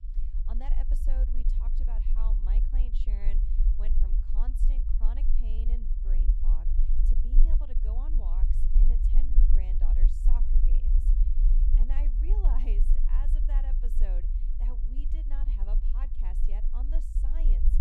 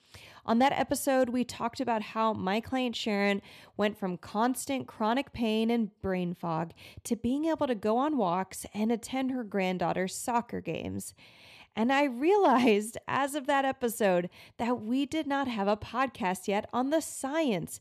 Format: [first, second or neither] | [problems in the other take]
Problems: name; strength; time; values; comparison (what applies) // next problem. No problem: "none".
second | low rumble; loud; throughout; 2 dB below the speech